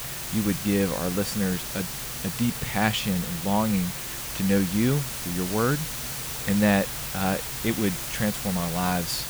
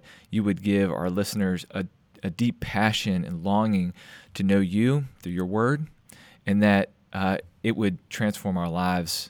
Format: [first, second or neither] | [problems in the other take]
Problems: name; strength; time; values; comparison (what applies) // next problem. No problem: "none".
second | hiss; loud; throughout; 4 dB below the speech